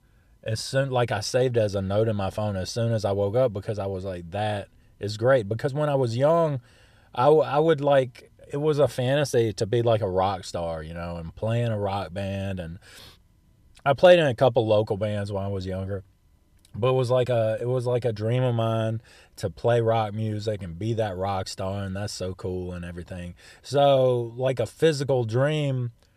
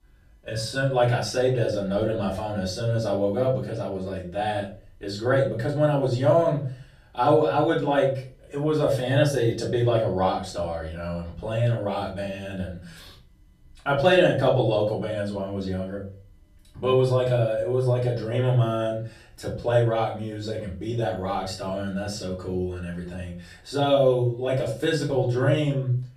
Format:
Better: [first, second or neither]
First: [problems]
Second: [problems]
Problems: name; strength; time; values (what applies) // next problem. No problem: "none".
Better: first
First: none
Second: off-mic speech; far // room echo; slight; dies away in 0.3 s